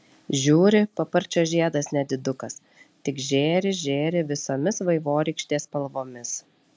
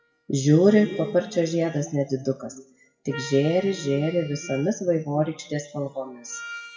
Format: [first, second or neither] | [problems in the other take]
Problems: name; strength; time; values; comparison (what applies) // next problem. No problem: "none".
first | noise reduction (classical method WPE with log-MMSE)